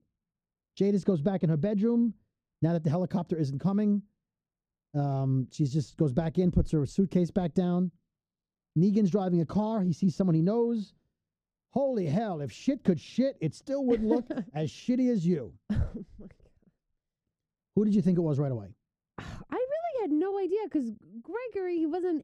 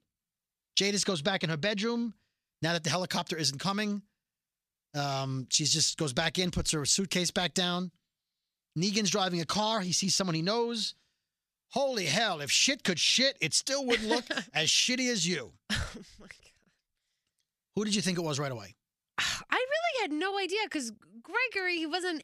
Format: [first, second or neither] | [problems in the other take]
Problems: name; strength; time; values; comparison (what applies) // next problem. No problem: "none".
second | muffled; very; fading above 1 kHz